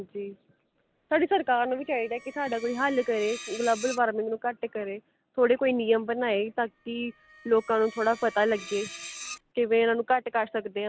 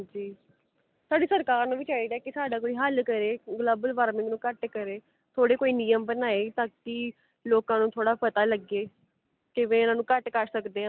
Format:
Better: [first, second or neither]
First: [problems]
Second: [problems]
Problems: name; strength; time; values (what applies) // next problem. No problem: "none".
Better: second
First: background sound (Screech); 18 dB below the speech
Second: none